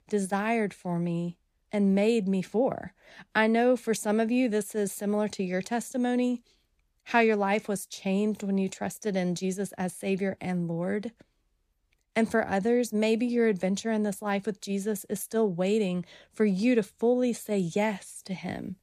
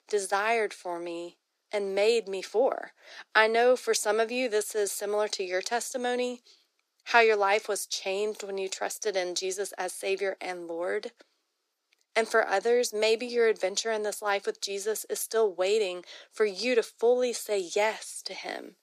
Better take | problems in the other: first | thin; very; fading below 350 Hz

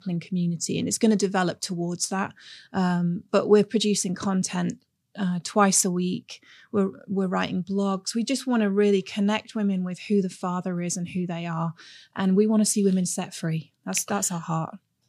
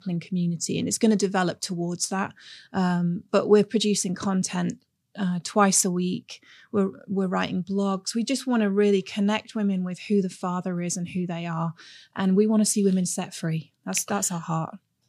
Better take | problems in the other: neither | none

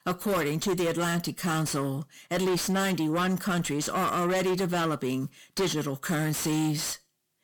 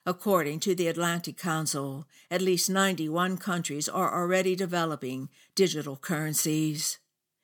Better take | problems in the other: second | distortion; heavy; 6 dB below the speech

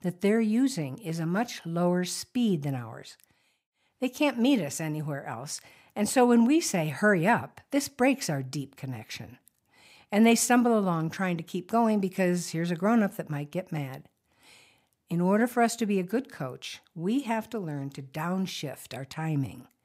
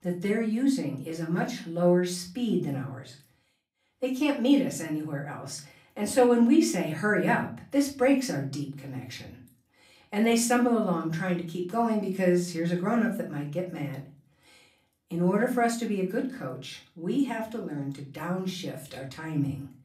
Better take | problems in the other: first | off-mic speech; far // room echo; slight; dies away in 0.3 s

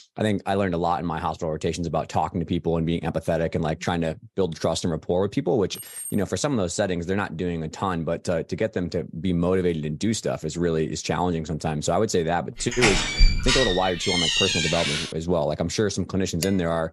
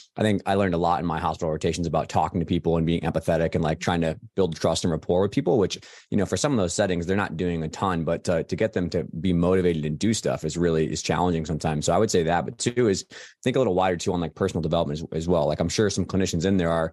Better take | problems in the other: second | jangling keys; noticeable; at 5.5 s; peak 8 dB below the speech // door banging; loud; from 13 to 15 s; peak 5 dB above the speech // clattering dishes; noticeable; at 16 s; peak 8 dB below the speech

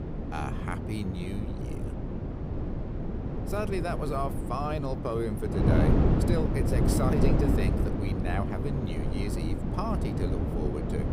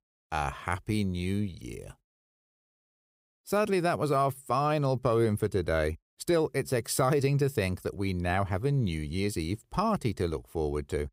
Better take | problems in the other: second | wind noise on the microphone; heavy; 1 dB below the speech

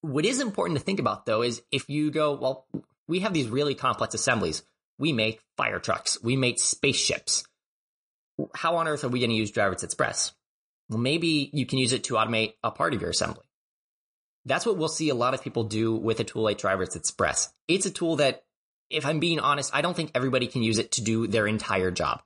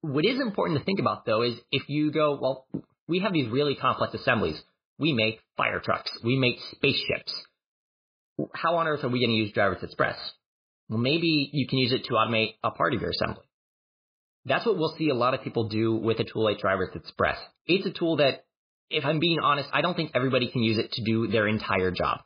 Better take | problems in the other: first | garbled, watery; badly; nothing above 4 kHz; slightly in the first

